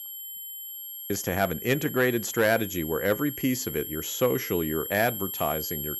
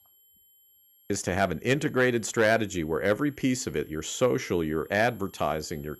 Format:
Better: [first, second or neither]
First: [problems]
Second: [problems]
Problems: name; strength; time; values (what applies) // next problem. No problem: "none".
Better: second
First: high-pitched whine; loud; throughout; 11.5 kHz, 7 dB below the speech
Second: high-pitched whine; faint; throughout; 11.5 kHz, 30 dB below the speech